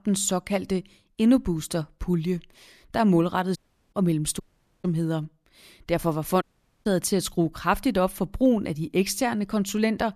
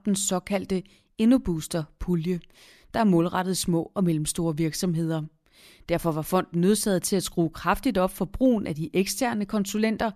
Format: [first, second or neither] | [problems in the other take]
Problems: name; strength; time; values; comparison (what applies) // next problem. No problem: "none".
second | audio cutting out; at 3.5 s, at 4.5 s and at 6.5 s